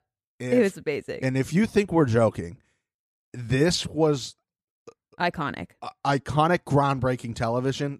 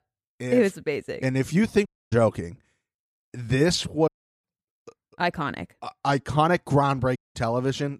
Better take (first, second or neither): first